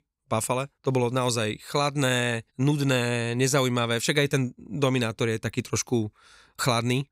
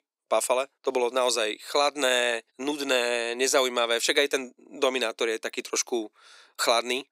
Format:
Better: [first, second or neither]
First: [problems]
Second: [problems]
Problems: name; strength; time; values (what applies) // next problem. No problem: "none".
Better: first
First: none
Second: thin; very; fading below 300 Hz